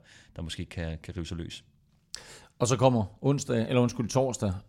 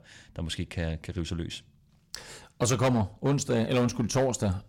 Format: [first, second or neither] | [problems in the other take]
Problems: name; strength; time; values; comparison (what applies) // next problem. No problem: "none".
first | distortion; heavy; 5% of the sound clipped